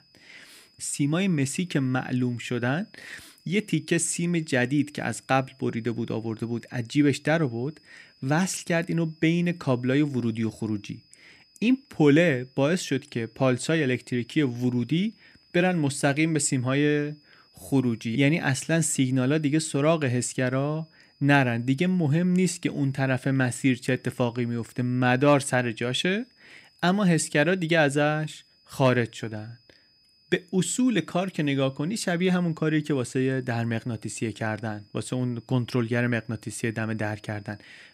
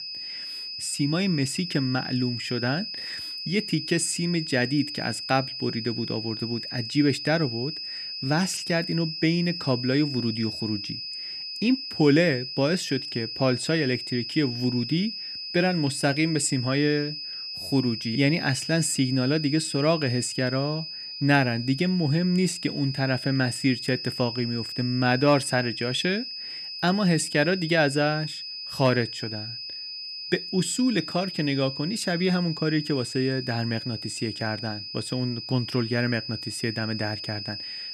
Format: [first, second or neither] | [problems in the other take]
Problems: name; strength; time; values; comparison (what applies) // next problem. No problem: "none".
first | high-pitched whine; loud; throughout; 5 kHz, 7 dB below the speech; faint in the first